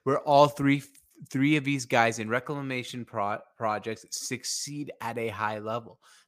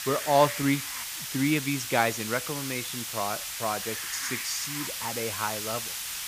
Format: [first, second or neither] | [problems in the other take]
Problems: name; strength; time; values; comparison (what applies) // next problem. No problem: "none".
first | hiss; loud; throughout; 3 dB below the speech